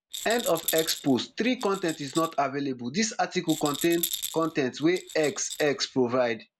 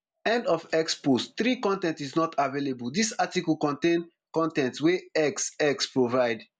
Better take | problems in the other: second | background sound (Rattle); 11 dB below the speech

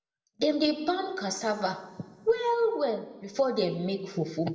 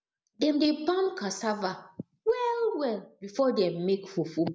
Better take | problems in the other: second | room echo; dies away in 1.2 s

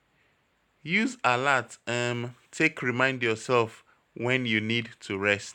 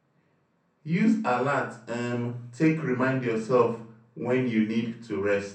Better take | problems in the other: first | room echo; dies away in 0.6 s

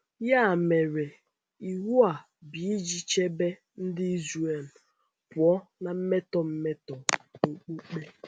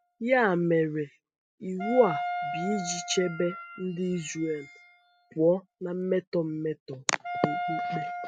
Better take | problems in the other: first | noise reduction (classical method spectral subtraction)

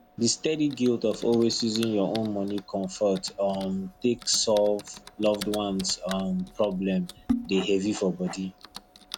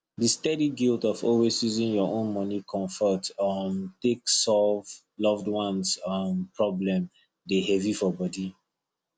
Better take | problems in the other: second | background sound (Typing); 13 dB below the speech

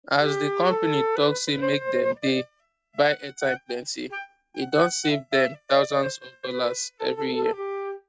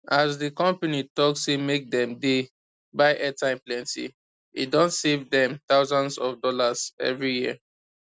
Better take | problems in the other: second | noise reduction (neural mask model RNNoise)

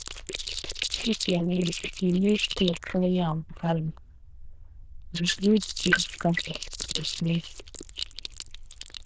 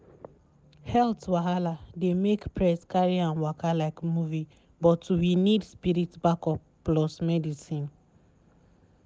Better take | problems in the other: second | noise reduction (neural diffusion model UNIVERSE++)

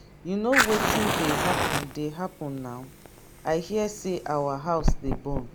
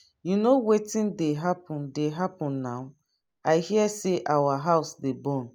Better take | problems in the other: second | background sound (Fire); 1 dB above the speech

